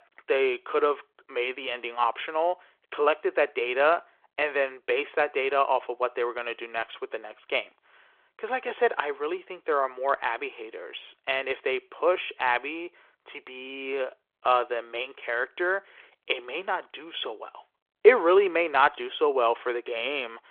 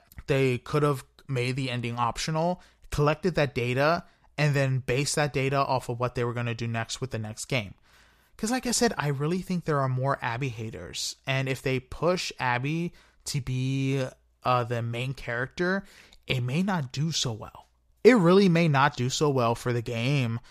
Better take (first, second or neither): second